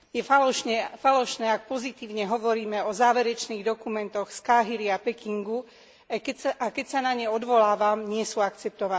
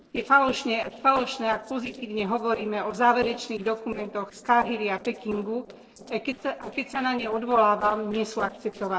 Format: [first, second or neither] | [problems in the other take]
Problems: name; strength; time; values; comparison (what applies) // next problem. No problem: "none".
first | noise reduction (neural separator model SepFormer DNS4)